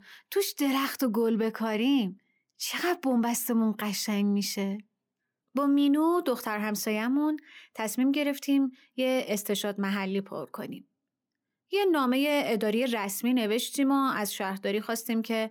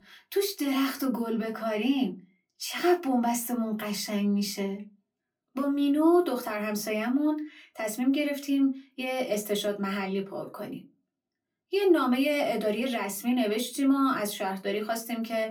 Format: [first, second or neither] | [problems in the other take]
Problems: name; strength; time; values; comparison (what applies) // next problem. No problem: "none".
first | off-mic speech; far // room echo; very slight; dies away in 0.2 s